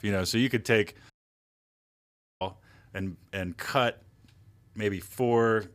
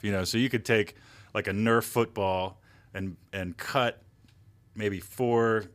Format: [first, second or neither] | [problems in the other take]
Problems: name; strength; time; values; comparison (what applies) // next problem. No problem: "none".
second | audio cutting out; at 1 s for 1.5 s